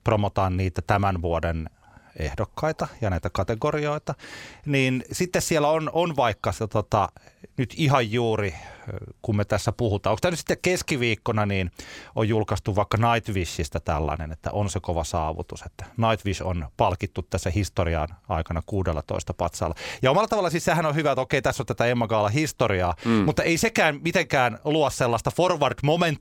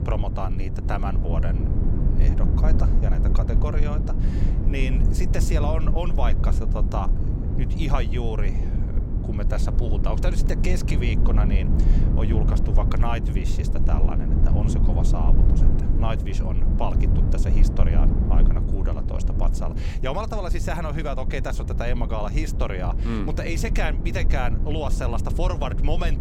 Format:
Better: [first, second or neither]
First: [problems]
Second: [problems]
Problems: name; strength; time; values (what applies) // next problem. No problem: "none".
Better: first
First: none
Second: low rumble; loud; throughout; 5 dB below the speech